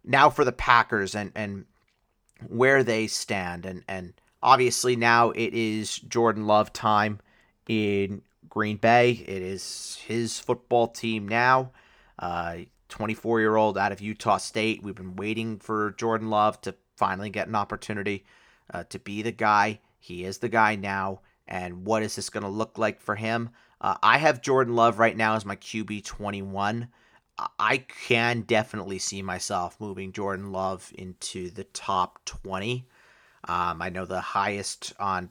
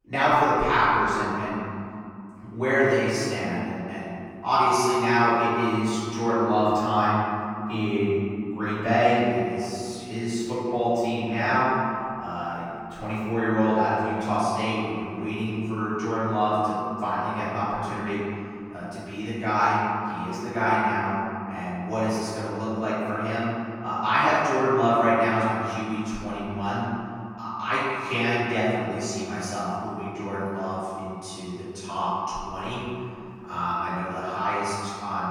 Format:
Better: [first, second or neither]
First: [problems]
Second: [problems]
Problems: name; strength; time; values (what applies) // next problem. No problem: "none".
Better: first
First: none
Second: off-mic speech; far // room echo; strong; dies away in 2.6 s